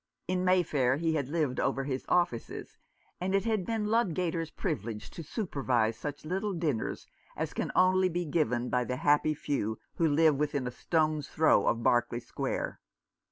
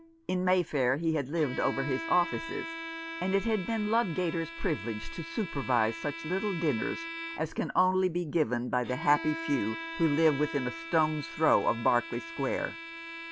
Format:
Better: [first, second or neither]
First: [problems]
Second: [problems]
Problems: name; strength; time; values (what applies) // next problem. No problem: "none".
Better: first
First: none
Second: background sound (Bowed string instrument); 11 dB below the speech